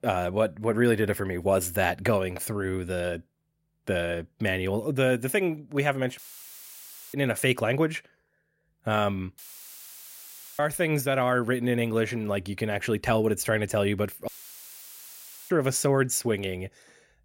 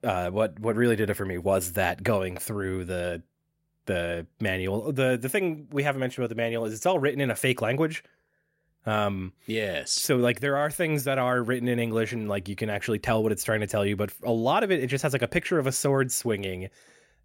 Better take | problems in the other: second | audio cutting out; filled with static; at 6 s for 1 s, at 9.5 s for 1 s and at 14 s for 1 s

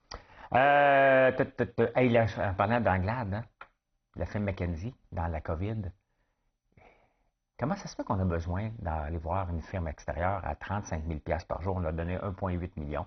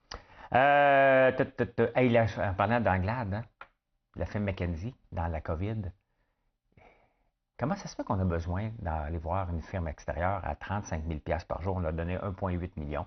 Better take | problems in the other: second | garbled, watery; badly; nothing above 6 kHz; slightly in the second

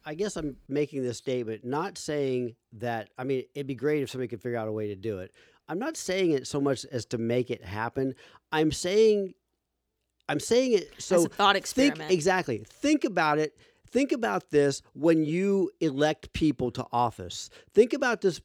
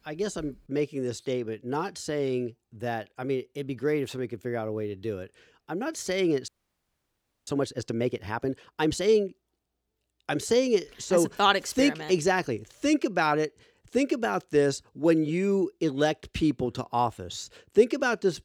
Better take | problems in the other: first | audio freezing; at 6.5 s for 1 s

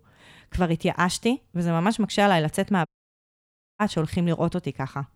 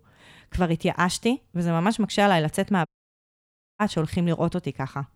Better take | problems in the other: neither | audio cutting out; at 3 s for 1 s; the same in both

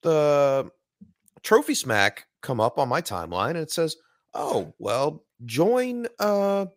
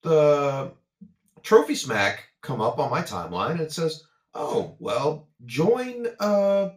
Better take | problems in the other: first | room echo; very slight; dies away in 0.2 s // off-mic speech; far

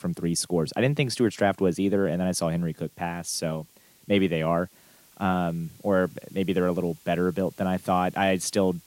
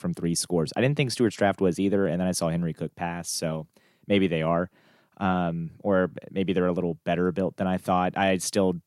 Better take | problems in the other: second | hiss; faint; throughout; 30 dB below the speech

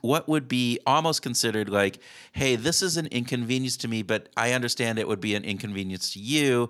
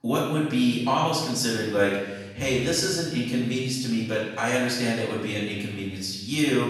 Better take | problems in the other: first | room echo; noticeable; dies away in 1.1 s // off-mic speech; far

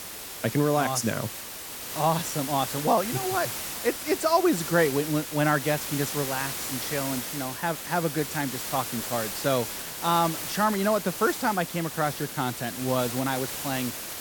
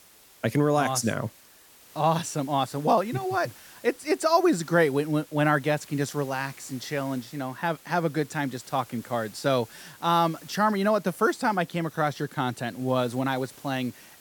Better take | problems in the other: second | hiss; loud; throughout; 5 dB below the speech; faint in the second

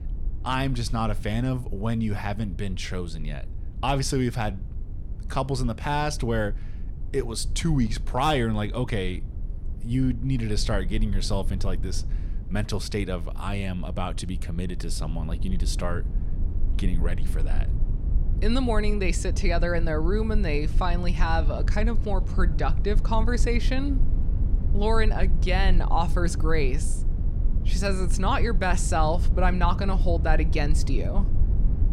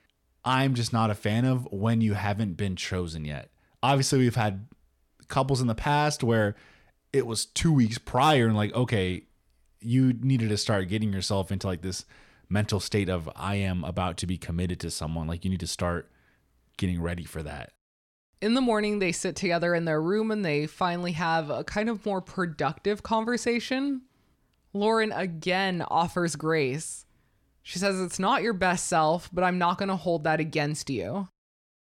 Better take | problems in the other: second | low rumble; noticeable; throughout; 15 dB below the speech

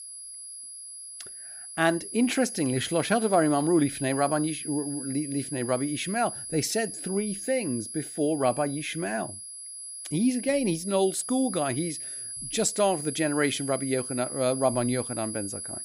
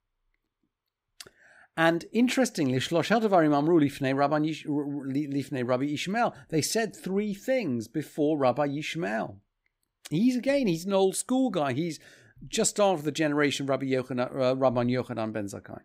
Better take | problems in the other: second | high-pitched whine; loud; throughout; 10.5 kHz, 8 dB below the speech

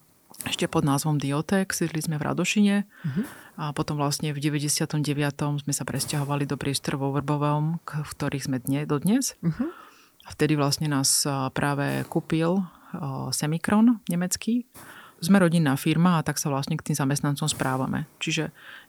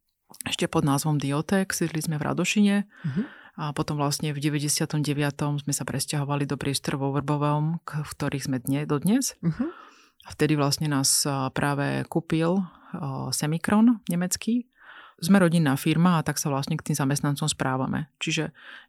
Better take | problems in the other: second | hiss; faint; throughout; 25 dB below the speech

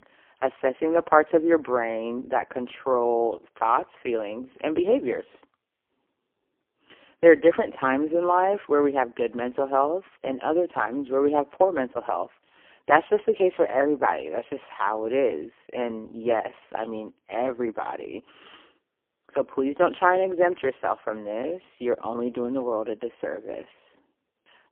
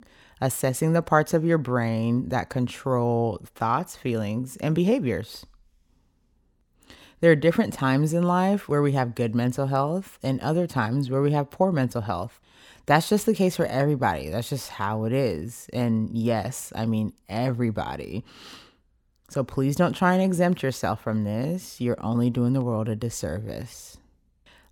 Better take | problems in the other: second | phone-call audio; poor line; nothing above 3 kHz

